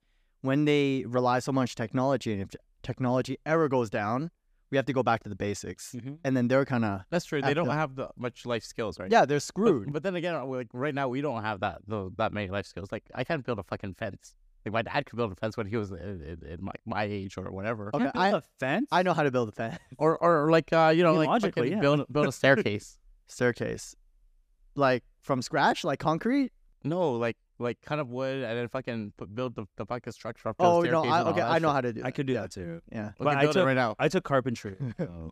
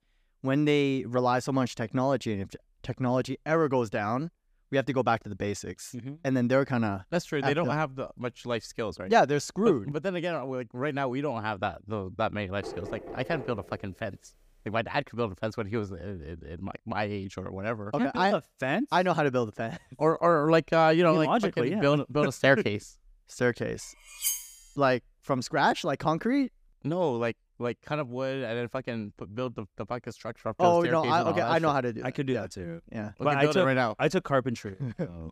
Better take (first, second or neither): first